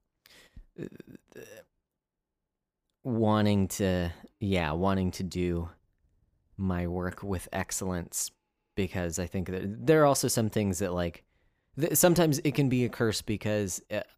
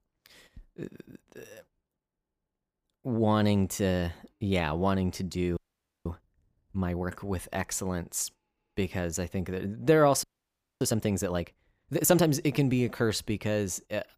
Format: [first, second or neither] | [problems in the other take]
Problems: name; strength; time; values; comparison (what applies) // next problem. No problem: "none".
first | audio freezing; at 5.5 s and at 10 s for 0.5 s